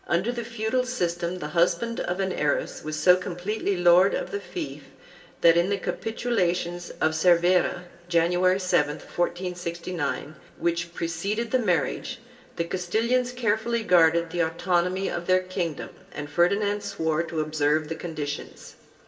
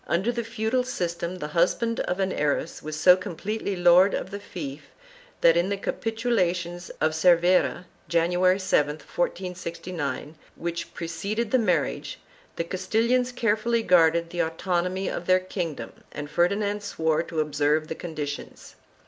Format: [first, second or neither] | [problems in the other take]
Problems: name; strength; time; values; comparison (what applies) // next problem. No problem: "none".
second | room echo; dies away in 2.9 s